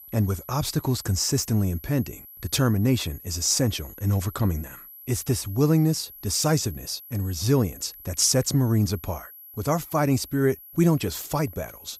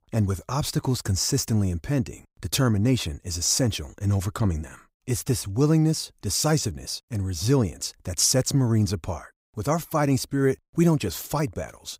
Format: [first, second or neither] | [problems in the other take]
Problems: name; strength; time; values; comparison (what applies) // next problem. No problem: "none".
second | high-pitched whine; noticeable; throughout; 12 kHz, 20 dB below the speech